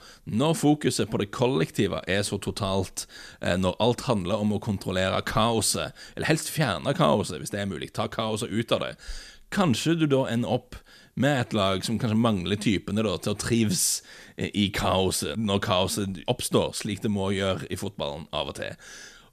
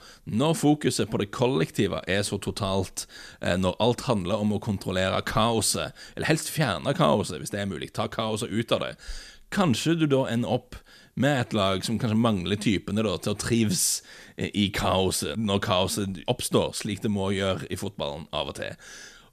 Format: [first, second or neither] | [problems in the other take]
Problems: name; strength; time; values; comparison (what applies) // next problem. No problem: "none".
neither | none